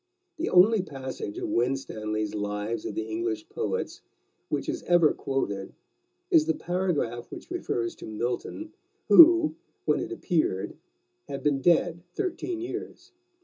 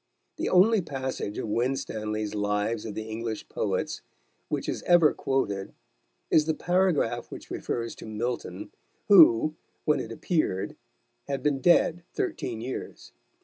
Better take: second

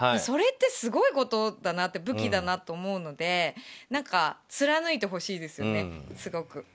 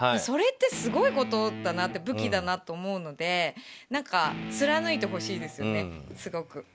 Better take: first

